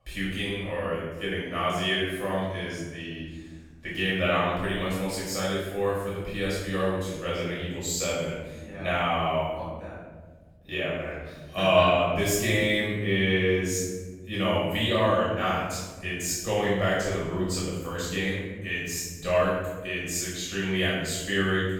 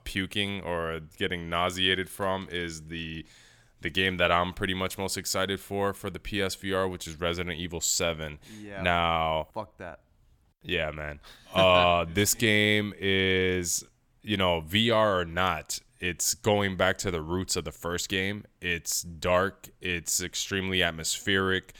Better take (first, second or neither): second